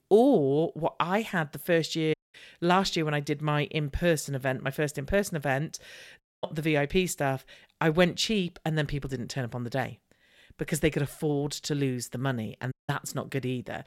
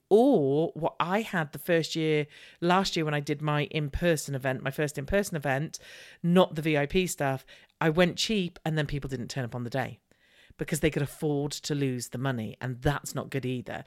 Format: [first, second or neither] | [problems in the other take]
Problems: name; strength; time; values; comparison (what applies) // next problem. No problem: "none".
second | audio cutting out; at 2 s, at 6 s and at 13 s